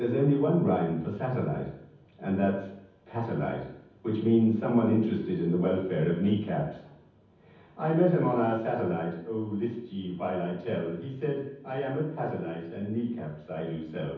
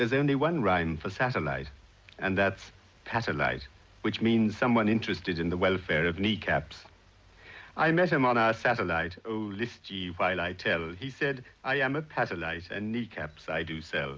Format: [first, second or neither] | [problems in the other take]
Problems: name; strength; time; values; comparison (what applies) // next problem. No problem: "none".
second | room echo; dies away in 0.9 s